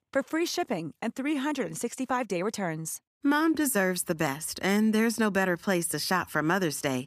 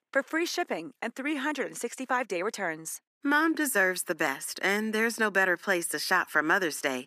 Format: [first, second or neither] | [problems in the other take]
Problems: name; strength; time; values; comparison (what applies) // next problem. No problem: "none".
first | thin; somewhat; fading below 350 Hz